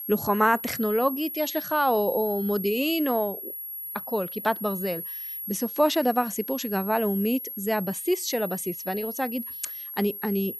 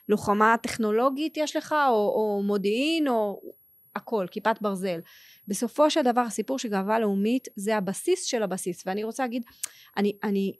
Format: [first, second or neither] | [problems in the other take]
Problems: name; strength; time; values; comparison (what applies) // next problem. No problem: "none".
second | high-pitched whine; loud; throughout; 11.5 kHz, 7 dB below the speech; faint in the second